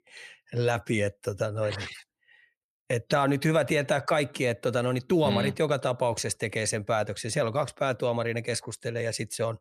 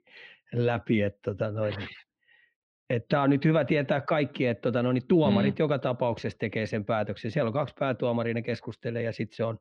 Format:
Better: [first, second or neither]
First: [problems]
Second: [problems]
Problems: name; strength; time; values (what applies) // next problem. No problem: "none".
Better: first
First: none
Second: muffled; slightly; fading above 3.5 kHz